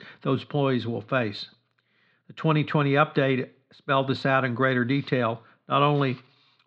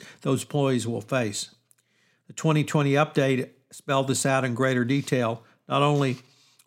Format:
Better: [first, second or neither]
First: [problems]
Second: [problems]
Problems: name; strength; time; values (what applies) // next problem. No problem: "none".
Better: second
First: muffled; slightly; fading above 4 kHz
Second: none